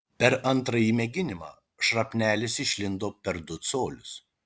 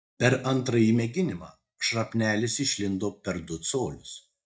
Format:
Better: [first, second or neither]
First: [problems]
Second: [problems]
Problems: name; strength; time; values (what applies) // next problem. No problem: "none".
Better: first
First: none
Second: noise reduction (neural mask model DeepFilterNet 3)